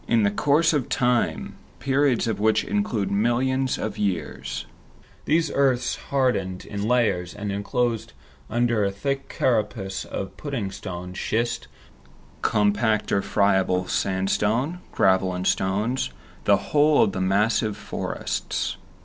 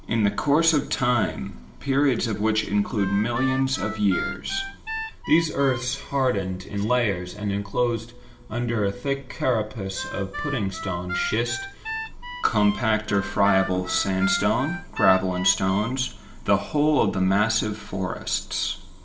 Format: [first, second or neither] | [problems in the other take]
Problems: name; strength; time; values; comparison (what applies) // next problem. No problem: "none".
first | background sound (Harmonica); 10 dB below the speech // room echo; dies away in 1.2 s